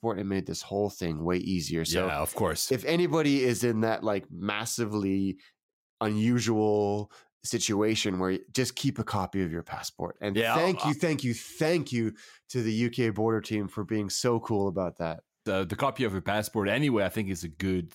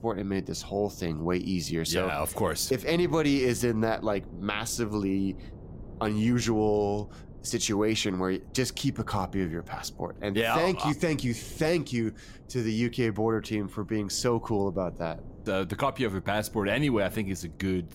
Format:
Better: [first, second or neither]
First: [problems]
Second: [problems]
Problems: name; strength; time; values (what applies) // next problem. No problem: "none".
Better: first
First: none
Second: wind noise on the microphone; occasional gusts; 25 dB below the speech